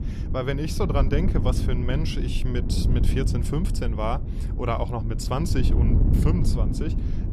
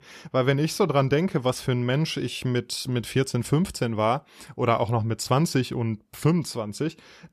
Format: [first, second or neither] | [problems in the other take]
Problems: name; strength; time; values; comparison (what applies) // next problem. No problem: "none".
second | wind noise on the microphone; heavy; 6 dB below the speech